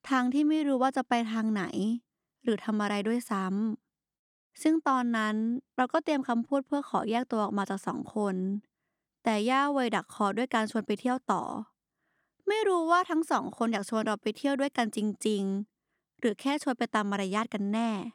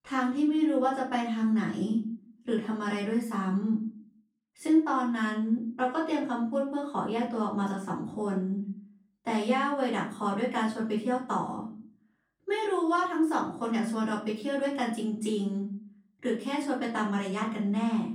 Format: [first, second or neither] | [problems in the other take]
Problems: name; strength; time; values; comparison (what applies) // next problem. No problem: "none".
first | off-mic speech; far // room echo; slight; dies away in 0.5 s